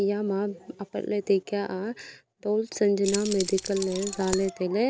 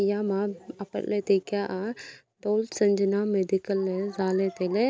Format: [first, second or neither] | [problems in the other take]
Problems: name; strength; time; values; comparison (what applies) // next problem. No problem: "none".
second | background sound (Keys jangling); 8 dB below the speech